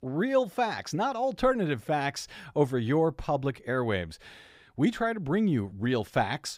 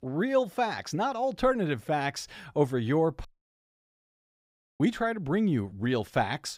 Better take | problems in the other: first | audio cutting out; at 3.5 s for 1.5 s

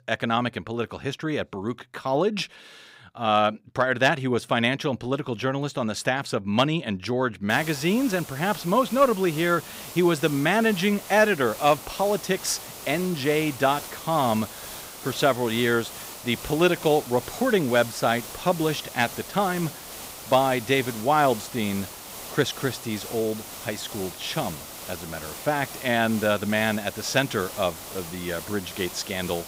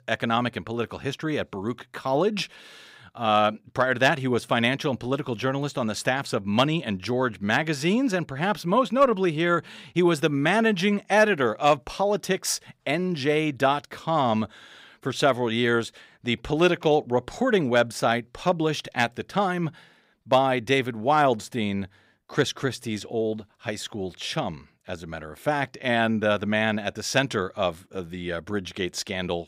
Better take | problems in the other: second | hiss; noticeable; from 7.5 s on; 10 dB below the speech

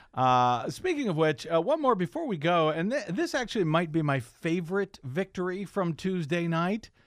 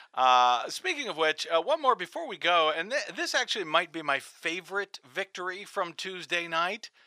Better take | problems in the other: first | thin; very; fading below 650 Hz

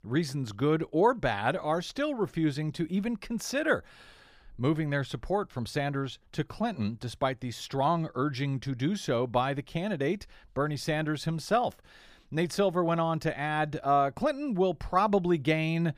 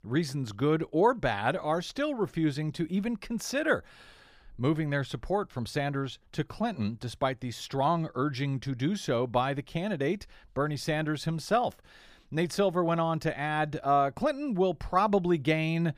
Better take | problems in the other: neither | none

